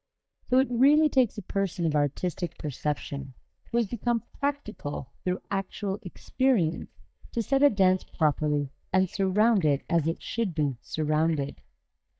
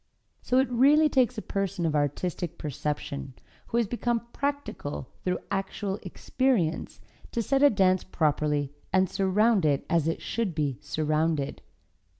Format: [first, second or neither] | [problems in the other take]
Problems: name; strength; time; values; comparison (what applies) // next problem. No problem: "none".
second | noise reduction (neural mask model DeepFilterNet 3)